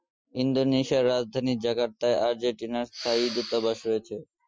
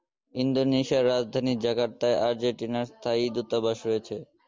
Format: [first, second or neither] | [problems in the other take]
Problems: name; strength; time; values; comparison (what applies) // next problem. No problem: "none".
second | noise reduction (classical method Wiener filter)